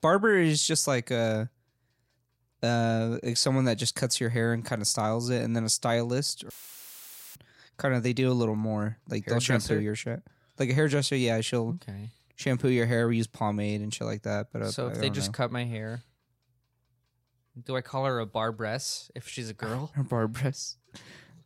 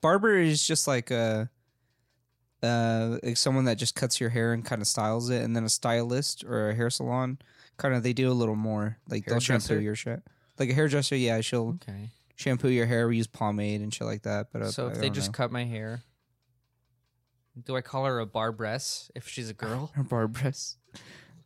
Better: second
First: audio cutting out; filled with static; at 6.5 s for 1 s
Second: none

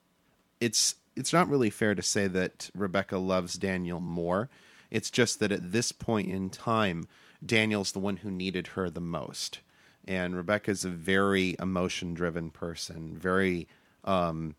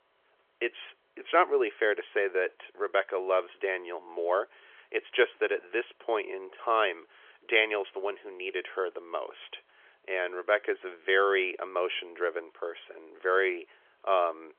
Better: first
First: none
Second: phone-call audio; nothing above 3.5 kHz

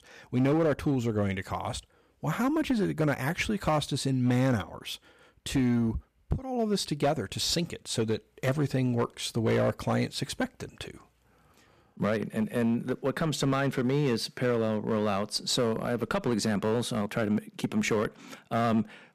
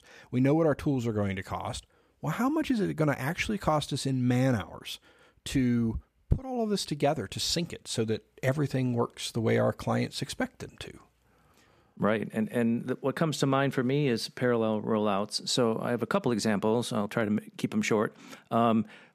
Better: second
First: distortion; slight; 6% of the sound clipped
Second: none

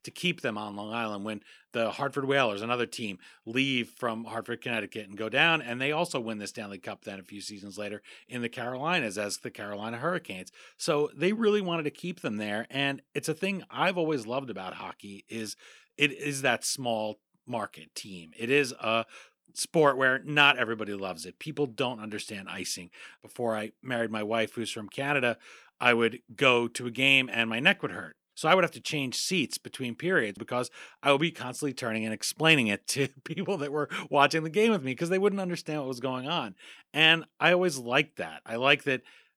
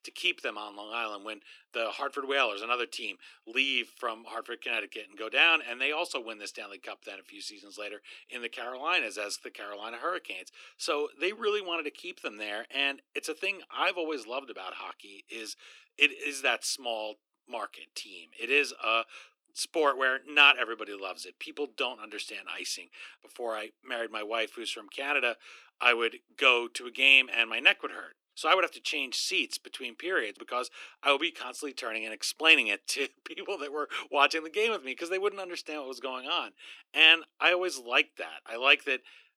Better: first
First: none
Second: thin; somewhat; fading below 300 Hz

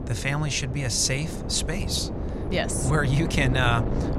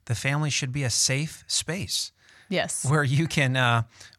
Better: second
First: wind noise on the microphone; heavy; 9 dB below the speech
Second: none

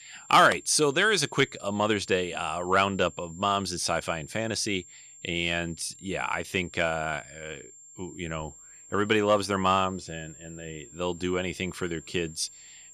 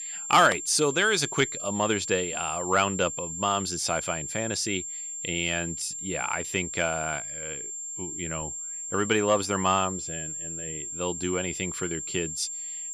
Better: first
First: high-pitched whine; faint; throughout; 7.5 kHz, 20 dB below the speech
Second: high-pitched whine; loud; throughout; 7.5 kHz, 6 dB below the speech

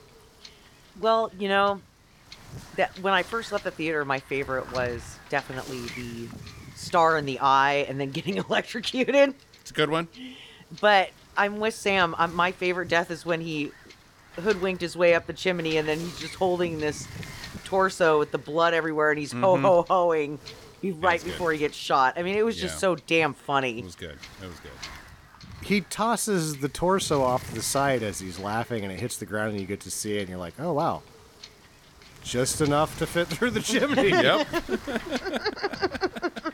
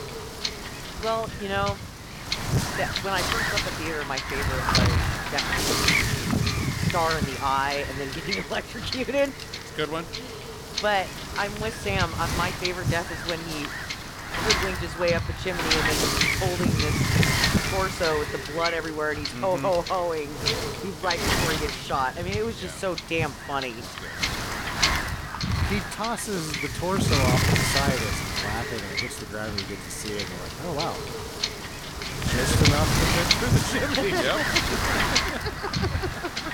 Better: first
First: wind noise on the microphone; occasional gusts; 20 dB below the speech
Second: wind noise on the microphone; heavy; 2 dB above the speech

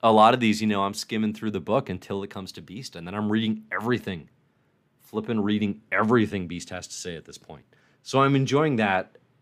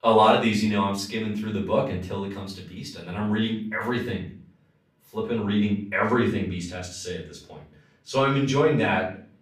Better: first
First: none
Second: off-mic speech; far // room echo; slight; dies away in 0.4 s

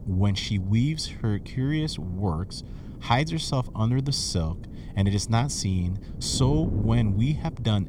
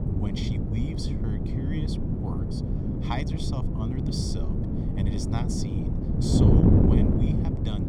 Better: first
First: wind noise on the microphone; occasional gusts; 15 dB below the speech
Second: wind noise on the microphone; heavy; 5 dB above the speech

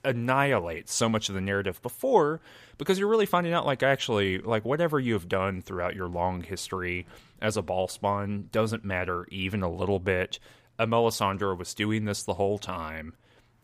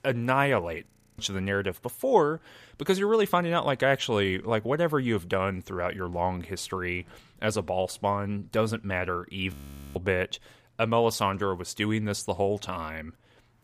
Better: first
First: none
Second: audio freezing; at 1 s and at 9.5 s

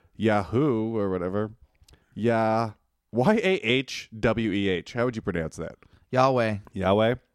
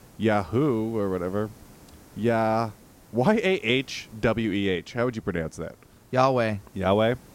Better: first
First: none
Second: hiss; faint; throughout; 25 dB below the speech

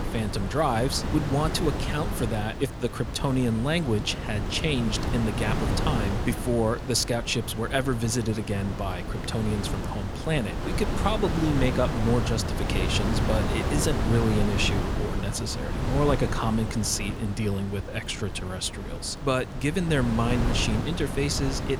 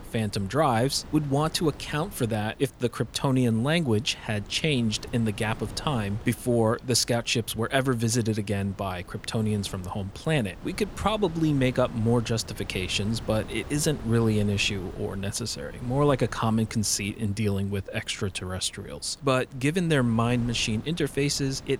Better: second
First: wind noise on the microphone; heavy; 5 dB below the speech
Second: wind noise on the microphone; occasional gusts; 20 dB below the speech

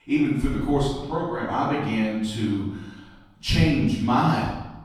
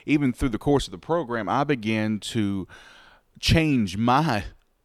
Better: second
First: room echo; noticeable; dies away in 0.9 s // off-mic speech; far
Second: none

